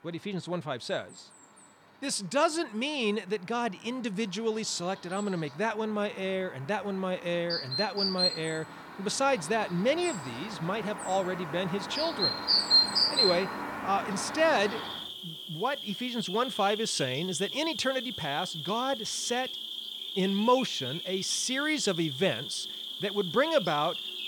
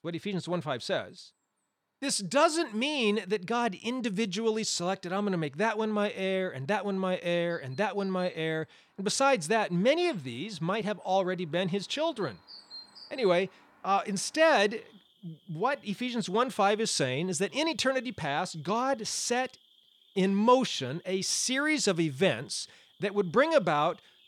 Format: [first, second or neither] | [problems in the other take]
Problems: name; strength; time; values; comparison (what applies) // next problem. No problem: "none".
second | animal sounds; loud; throughout; 1 dB below the speech; faint in the second